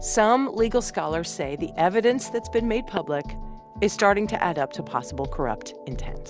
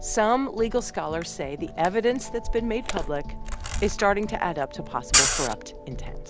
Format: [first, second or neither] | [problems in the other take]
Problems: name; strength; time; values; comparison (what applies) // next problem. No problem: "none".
first | background sound (Camera); 3 dB below the speech